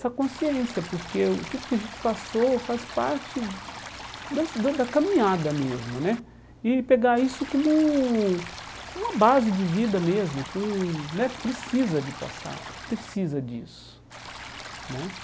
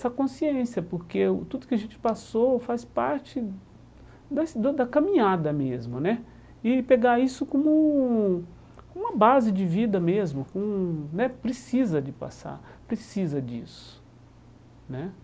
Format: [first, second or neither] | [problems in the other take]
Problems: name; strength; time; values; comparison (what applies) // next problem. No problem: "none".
second | background sound (Stream); 14 dB below the speech